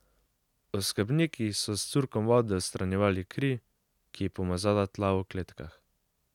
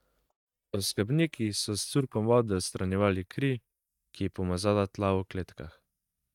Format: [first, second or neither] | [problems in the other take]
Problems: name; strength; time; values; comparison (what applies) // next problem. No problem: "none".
first | noise reduction (neural mask model DeepFilterNet 3)